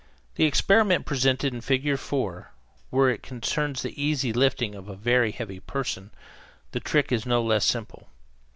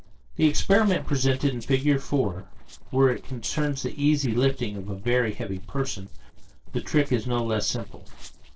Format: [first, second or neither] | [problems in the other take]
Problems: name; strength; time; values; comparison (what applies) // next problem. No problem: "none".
first | noise reduction (neural separator model SepFormer DNS4)